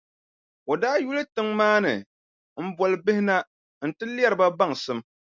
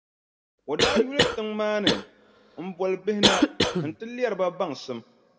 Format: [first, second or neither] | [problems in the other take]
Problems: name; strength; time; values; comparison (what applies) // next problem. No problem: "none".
first | background sound (Cough); 4 dB above the speech // room echo; dies away in 1.3 s